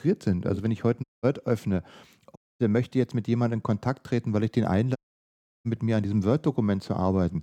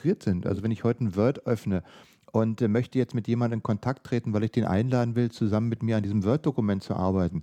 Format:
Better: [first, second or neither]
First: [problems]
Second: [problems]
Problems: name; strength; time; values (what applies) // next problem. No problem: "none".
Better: second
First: audio cutting out; at 1 s, at 2.5 s and at 5 s for 0.5 s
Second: none